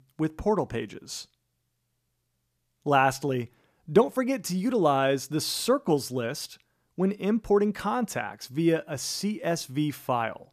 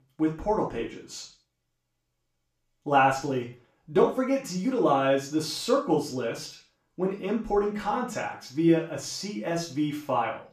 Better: first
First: none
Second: room echo; noticeable; dies away in 0.3 s // off-mic speech; far

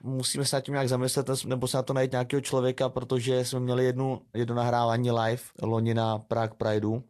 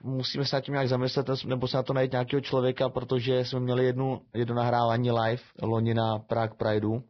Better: first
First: garbled, watery; slightly; nothing above 12 kHz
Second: garbled, watery; badly; nothing above 5.5 kHz

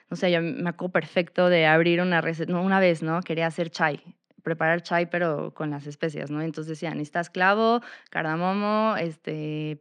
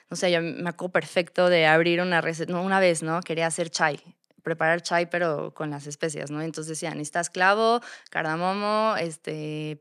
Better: second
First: muffled; very slightly; fading above 3 kHz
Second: none

